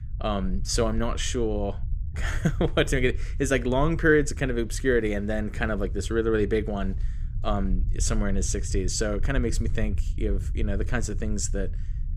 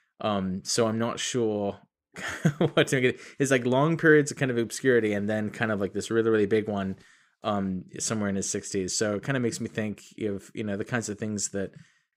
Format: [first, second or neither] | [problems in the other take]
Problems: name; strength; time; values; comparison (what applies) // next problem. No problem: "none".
second | low rumble; faint; throughout; 20 dB below the speech